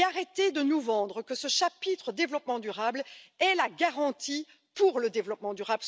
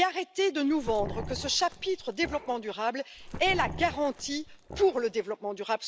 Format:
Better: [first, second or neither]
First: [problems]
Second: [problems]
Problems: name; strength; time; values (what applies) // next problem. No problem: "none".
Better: first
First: none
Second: background sound (Growling); 11 dB below the speech